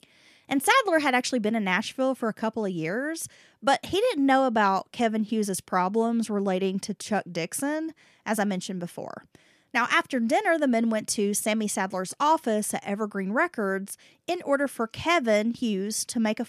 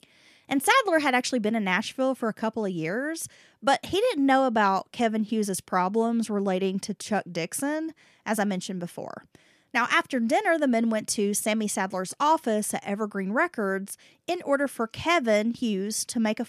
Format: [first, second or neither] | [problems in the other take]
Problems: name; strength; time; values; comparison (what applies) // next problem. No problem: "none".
neither | none